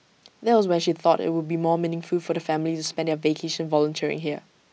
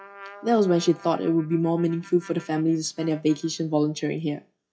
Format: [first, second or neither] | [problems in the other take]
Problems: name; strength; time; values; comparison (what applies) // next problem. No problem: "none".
first | noise reduction (classical method WPE with log-MMSE)